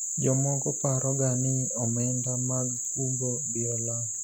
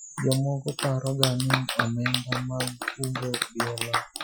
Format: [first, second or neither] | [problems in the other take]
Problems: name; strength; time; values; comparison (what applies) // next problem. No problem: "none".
first | noise reduction (classical method Wiener filter)